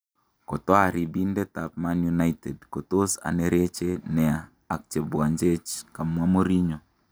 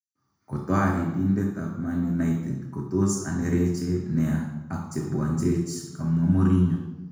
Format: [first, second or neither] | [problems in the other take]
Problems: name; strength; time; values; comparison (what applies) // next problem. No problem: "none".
first | room echo; dies away in 1 s